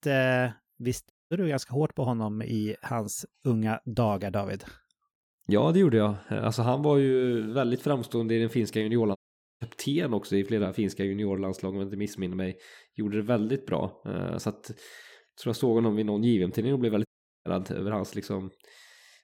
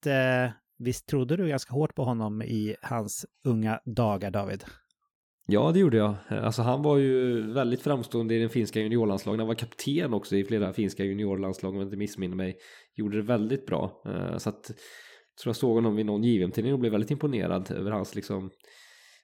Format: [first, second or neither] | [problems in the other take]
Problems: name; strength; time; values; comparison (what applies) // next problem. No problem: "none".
second | audio cutting out; at 1 s, at 9 s and at 17 s